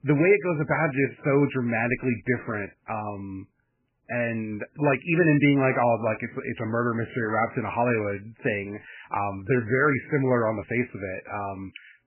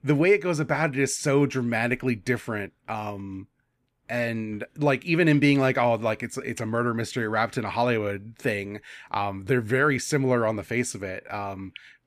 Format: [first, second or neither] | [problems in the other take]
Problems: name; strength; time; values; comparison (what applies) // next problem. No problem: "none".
second | garbled, watery; badly; nothing above 2.5 kHz